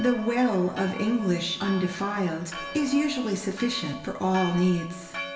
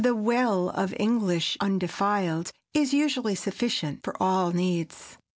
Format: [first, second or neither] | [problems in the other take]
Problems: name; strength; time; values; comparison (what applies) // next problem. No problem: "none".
second | background sound (Church bell); 13 dB below the speech // room echo; dies away in 1.1 s